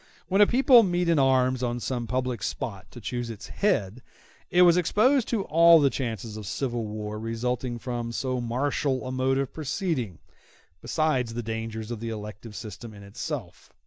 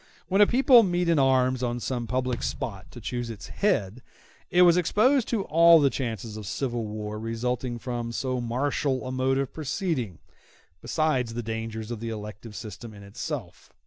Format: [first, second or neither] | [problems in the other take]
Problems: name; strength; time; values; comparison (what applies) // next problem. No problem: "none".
first | background sound (Bass drum); 14 dB below the speech